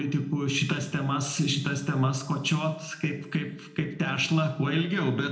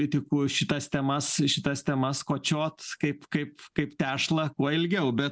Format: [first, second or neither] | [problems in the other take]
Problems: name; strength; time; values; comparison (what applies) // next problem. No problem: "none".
second | room echo; dies away in 0.7 s